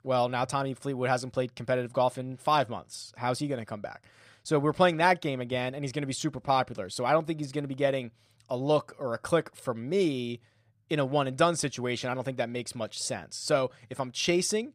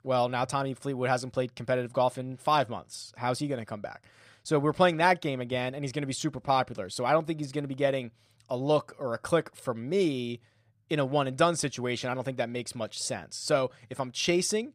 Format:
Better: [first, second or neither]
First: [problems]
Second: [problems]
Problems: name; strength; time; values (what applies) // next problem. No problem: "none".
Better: neither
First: none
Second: none